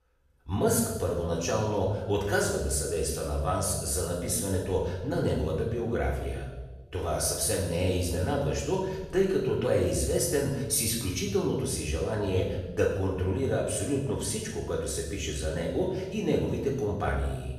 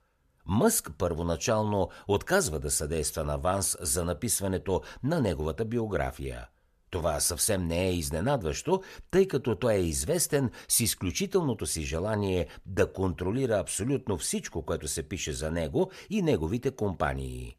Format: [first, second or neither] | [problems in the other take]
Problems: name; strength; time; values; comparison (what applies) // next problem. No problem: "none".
second | room echo; noticeable; dies away in 1.1 s // off-mic speech; far